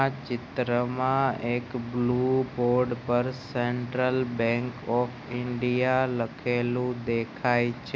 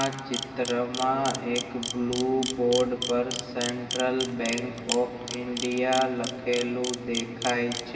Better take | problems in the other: first | background sound (Camera); 9 dB below the speech // room echo; dies away in 2.3 s

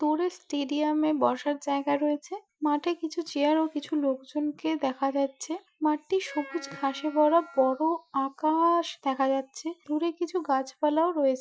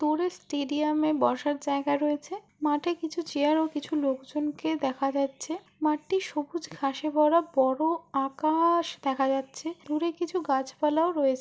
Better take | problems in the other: second | noise reduction (classical method Wiener filter)

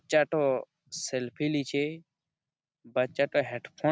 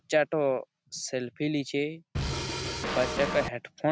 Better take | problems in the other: first | background sound (Drum kit); 1 dB below the speech

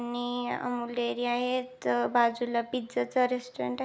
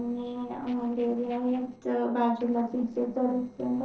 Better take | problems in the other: first | noise reduction (neural separator model SepFormer DNS4)

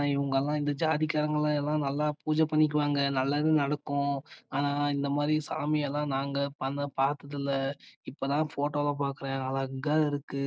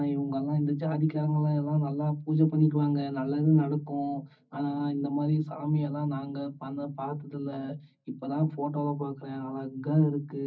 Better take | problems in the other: first | room echo; dies away in 0.4 s

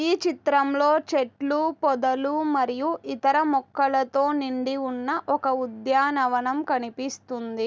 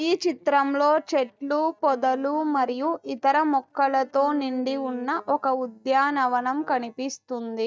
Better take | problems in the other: first | noise reduction (neural mask model DeepFilterNet 3)

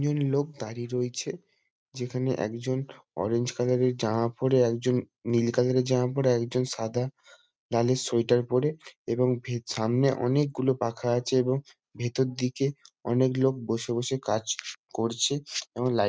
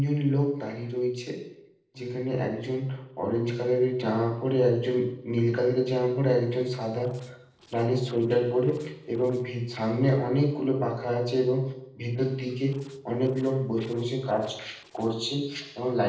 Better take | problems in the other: first | noise reduction (neural separator model SepFormer DNS4)

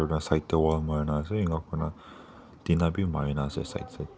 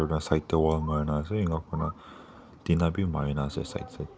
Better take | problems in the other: first | background sound (Bird); 17 dB below the speech

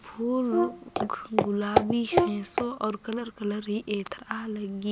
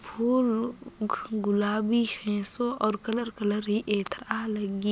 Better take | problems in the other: second | background sound (Brass instrument + Walk, footsteps); 2 dB above the speech

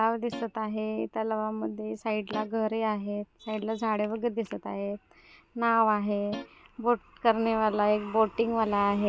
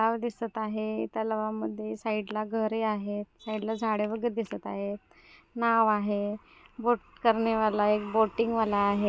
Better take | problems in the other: second | background sound (Guitar); 13 dB below the speech

